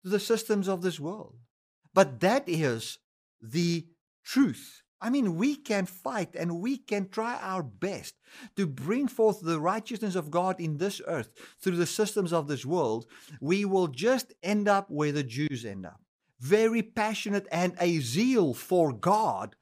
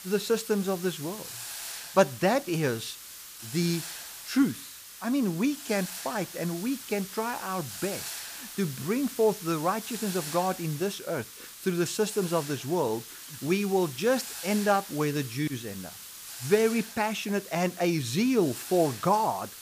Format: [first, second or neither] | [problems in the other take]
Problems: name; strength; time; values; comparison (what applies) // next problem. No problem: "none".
first | hiss; noticeable; throughout; 10 dB below the speech